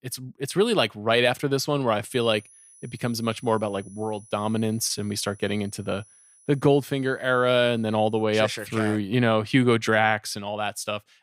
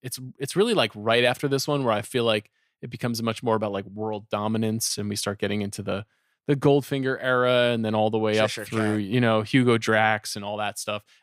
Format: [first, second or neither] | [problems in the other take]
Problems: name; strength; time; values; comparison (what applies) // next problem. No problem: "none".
second | high-pitched whine; faint; from 2 to 8 s; 10 kHz, 25 dB below the speech